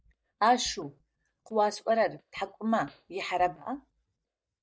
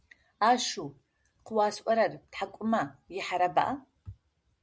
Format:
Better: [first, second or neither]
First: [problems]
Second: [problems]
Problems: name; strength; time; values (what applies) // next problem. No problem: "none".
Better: second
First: noise reduction (neural mask model DeepFilterNet 3)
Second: none